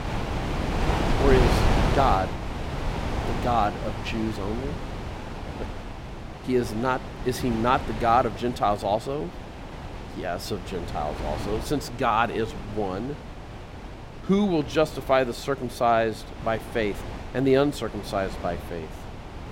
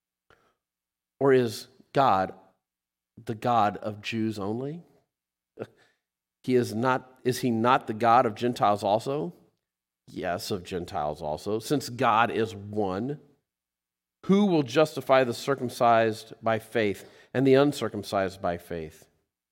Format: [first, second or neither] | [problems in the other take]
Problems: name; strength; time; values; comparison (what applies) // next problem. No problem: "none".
second | wind noise on the microphone; heavy; 9 dB below the speech